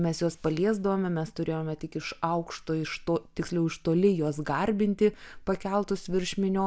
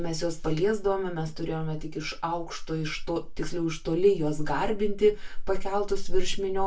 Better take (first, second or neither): first